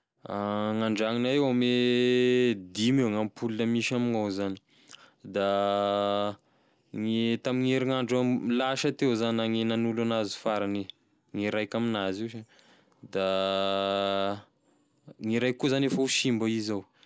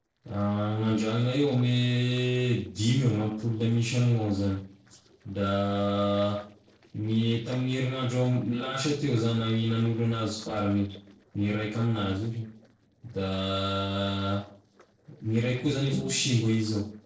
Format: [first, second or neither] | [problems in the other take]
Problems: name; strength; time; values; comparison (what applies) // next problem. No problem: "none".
first | noise reduction (neural separator model SepFormer DNS4)